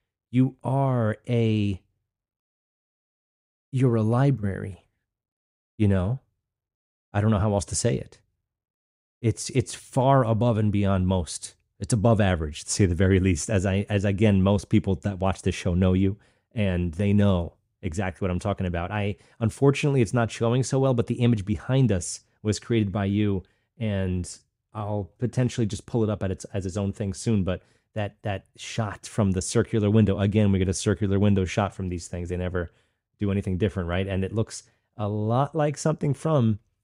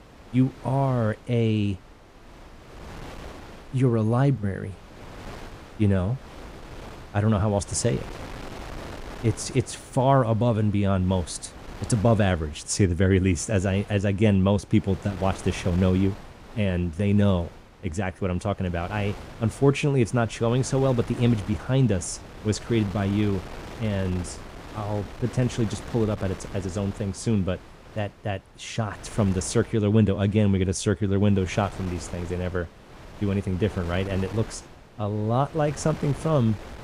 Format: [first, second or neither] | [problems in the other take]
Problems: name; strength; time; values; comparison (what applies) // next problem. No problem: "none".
first | wind noise on the microphone; occasional gusts; 15 dB below the speech